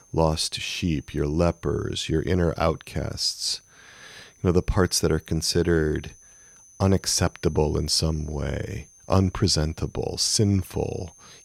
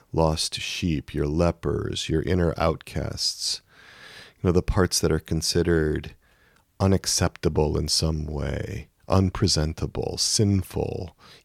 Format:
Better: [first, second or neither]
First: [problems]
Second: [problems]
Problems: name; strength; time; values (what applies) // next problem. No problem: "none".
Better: second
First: high-pitched whine; faint; throughout; 6 kHz, 30 dB below the speech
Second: none